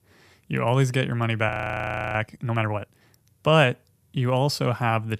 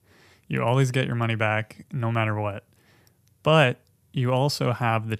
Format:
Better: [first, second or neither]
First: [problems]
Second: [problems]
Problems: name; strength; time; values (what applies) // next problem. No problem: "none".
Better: second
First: audio freezing; at 1.5 s for 0.5 s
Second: none